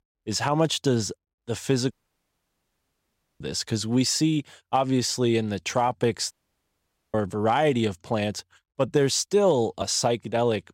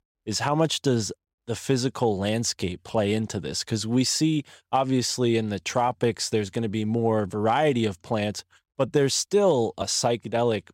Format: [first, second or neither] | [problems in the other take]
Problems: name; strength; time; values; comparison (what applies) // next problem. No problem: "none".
second | audio cutting out; at 2 s for 1.5 s and at 6.5 s for 1 s